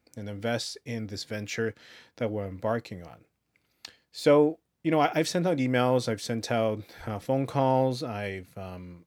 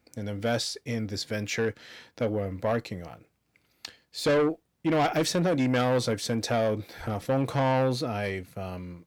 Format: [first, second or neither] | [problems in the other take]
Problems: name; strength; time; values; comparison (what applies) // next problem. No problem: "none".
first | distortion; heavy; 8 dB below the speech